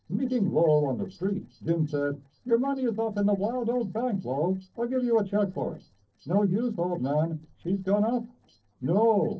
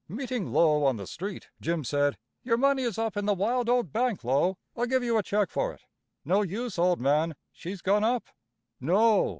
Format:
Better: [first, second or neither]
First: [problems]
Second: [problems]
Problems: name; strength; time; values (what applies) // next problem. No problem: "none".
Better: second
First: noise reduction (neural separator model SepFormer DNS4)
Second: none